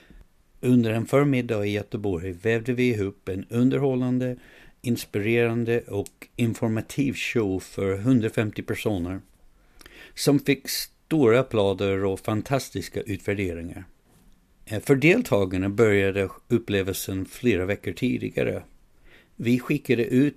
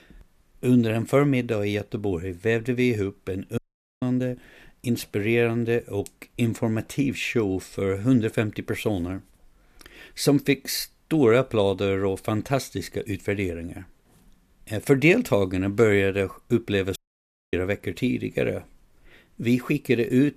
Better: first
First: none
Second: audio cutting out; at 3.5 s and at 17 s for 0.5 s

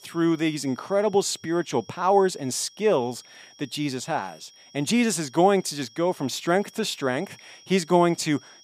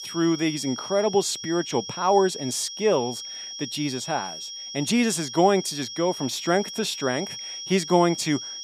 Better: first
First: high-pitched whine; faint; throughout; 5.5 kHz, 25 dB below the speech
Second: high-pitched whine; loud; throughout; 5.5 kHz, 9 dB below the speech

